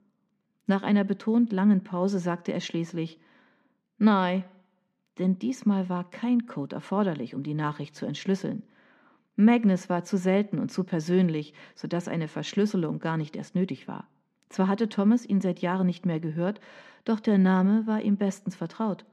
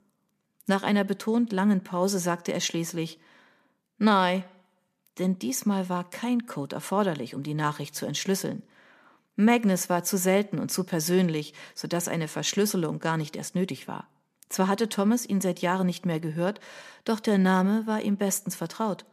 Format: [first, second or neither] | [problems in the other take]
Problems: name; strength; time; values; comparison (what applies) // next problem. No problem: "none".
second | muffled; slightly; fading above 3.5 kHz